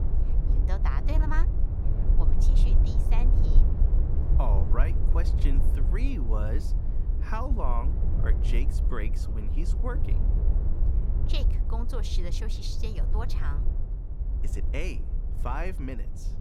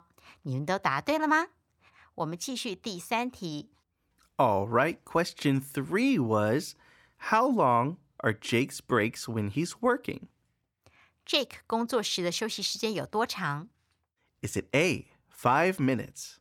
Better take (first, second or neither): second